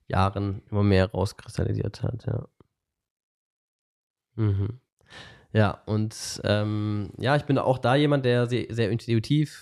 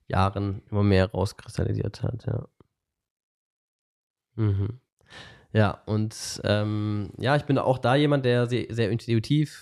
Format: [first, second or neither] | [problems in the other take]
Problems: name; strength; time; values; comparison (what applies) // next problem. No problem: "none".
neither | none